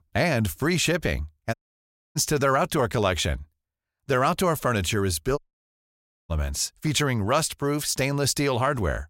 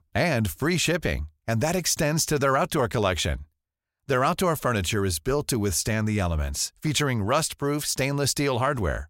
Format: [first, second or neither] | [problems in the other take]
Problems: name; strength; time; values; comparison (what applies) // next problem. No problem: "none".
second | audio cutting out; at 1.5 s for 0.5 s and at 5.5 s for 1 s